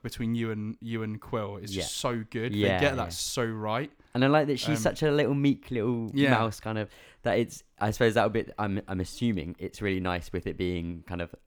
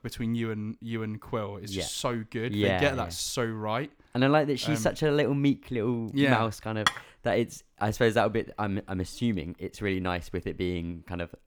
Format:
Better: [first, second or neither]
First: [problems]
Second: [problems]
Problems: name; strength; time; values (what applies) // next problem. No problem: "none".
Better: first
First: none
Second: clattering dishes; loud; at 7 s; peak level with the speech